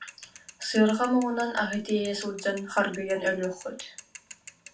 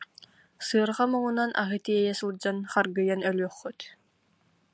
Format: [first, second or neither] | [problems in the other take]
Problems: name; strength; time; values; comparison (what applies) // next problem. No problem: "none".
second | background sound (Mechanisms / Bicycle); 20 dB below the speech // room echo; dies away in 0.2 s